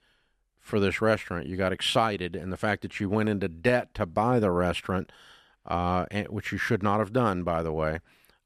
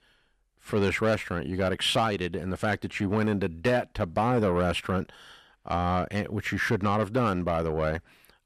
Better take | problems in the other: first | distortion; slight; 10 dB below the speech

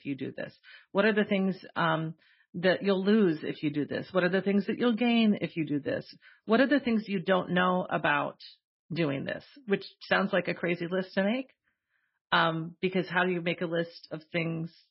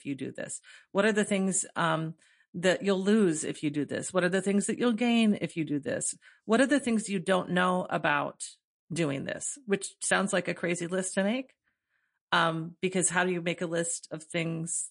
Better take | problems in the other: second | garbled, watery; badly; nothing above 5.5 kHz; slightly in the second

